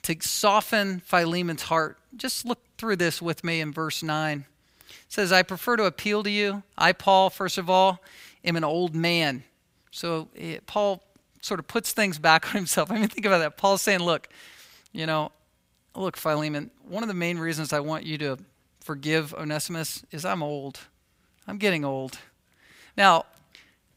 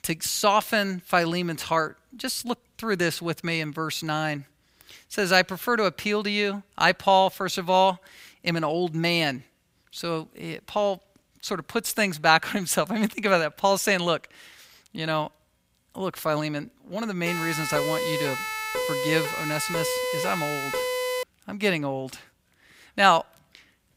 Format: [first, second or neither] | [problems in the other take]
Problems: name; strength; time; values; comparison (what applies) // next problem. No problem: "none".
first | siren; noticeable; from 17 to 21 s; peak 2 dB below the speech